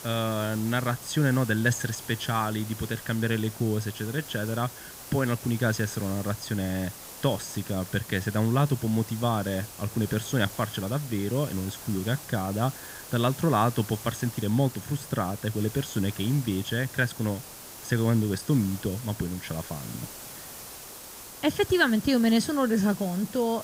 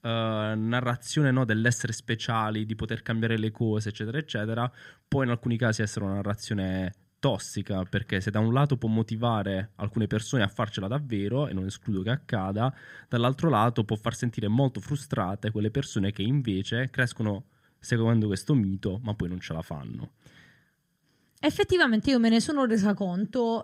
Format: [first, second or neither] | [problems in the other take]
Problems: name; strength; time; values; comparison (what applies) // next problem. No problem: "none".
second | hiss; noticeable; throughout; 10 dB below the speech